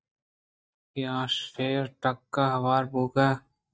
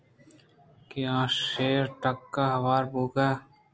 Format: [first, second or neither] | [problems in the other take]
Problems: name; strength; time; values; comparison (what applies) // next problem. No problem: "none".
second | noise reduction (neural mask model DeepFilterNet 3)